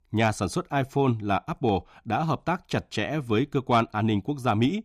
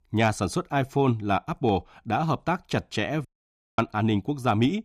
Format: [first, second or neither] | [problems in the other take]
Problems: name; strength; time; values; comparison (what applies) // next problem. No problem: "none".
first | audio cutting out; at 3.5 s for 0.5 s